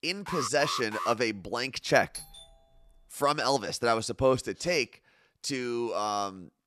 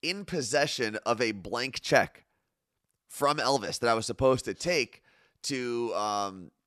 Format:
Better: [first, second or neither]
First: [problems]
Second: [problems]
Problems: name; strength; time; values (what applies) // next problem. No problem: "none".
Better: second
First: alarm; noticeable; at 0.5 s; peak 6 dB below the speech // doorbell; faint; at 2 s; peak 15 dB below the speech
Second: none